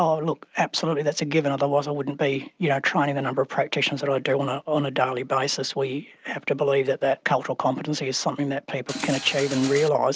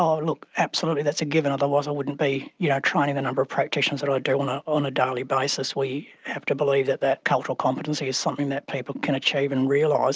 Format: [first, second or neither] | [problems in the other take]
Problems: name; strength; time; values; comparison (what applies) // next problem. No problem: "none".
second | background sound (Mechanisms); 10 dB below the speech